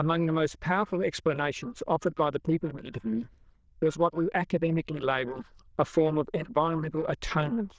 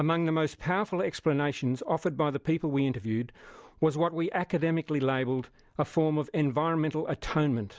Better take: second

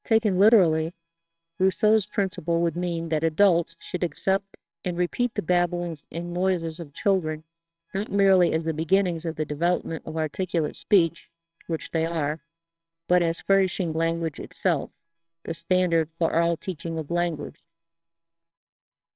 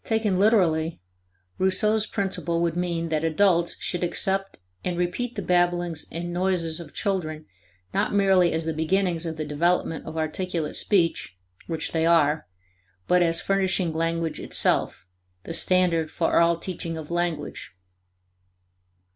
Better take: second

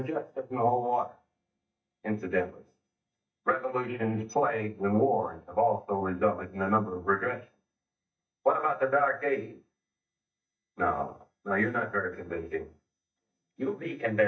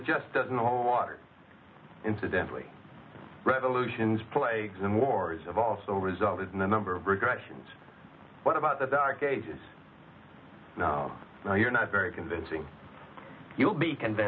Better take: second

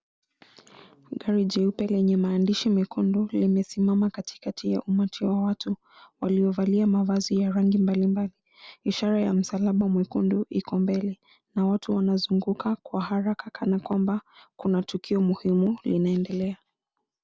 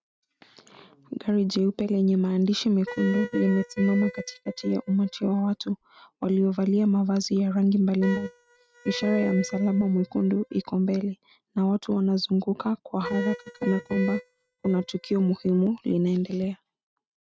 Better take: first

